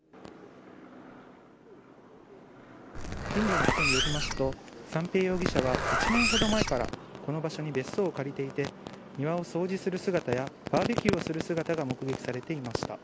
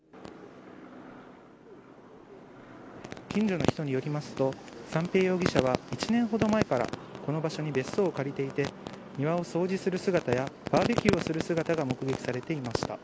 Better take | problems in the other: second | background sound (Zipper (clothing)); 1 dB above the speech

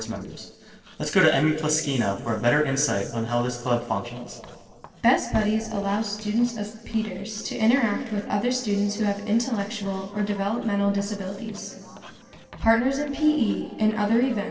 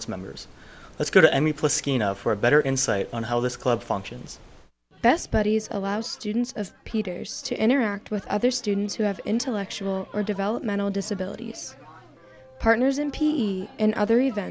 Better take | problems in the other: second | noise reduction (neural separator model SepFormer DNS4)

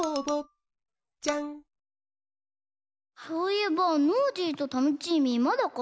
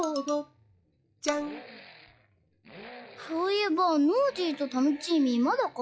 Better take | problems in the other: first | noise reduction (classical method log-MMSE)

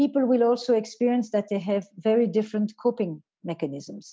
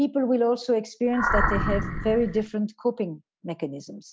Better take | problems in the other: first | background sound (Animal); as loud as the speech

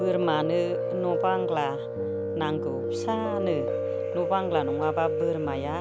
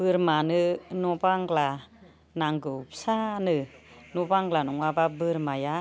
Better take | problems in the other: second | background sound (Piano); as loud as the speech

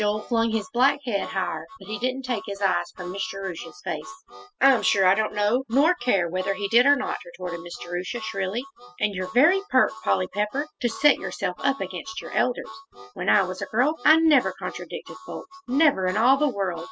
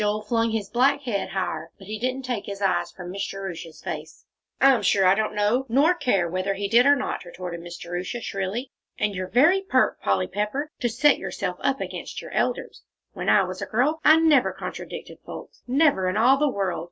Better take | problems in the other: second | noise reduction (classical method spectral subtraction)

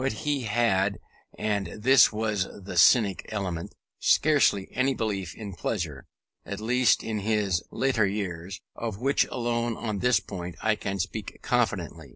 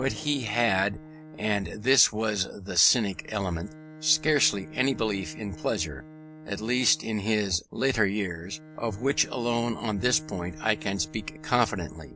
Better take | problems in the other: first | background sound (Bowed string instrument); 17 dB below the speech

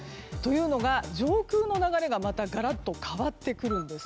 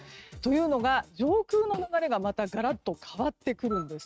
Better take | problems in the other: first | noise reduction (neural mask model RNNoise)

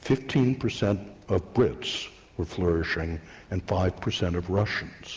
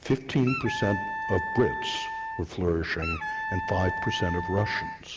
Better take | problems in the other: first | background sound (Wind instrument, woodwind instrument); 5 dB below the speech

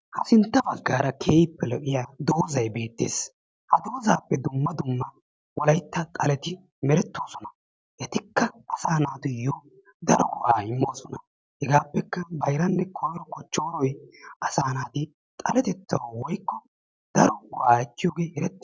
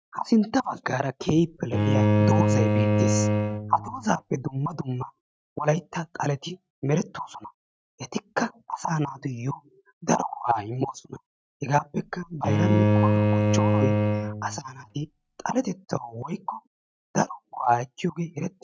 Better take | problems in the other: first | noise reduction (neural mask model RNNoise)

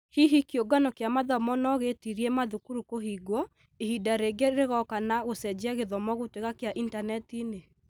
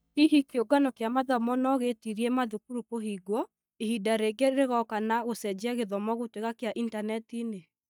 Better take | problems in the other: first | noise reduction (neural mask model DeepFilterNet 3)

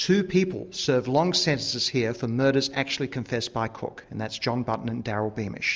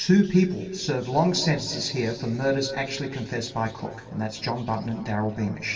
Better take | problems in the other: first | room echo; dies away in 2.8 s

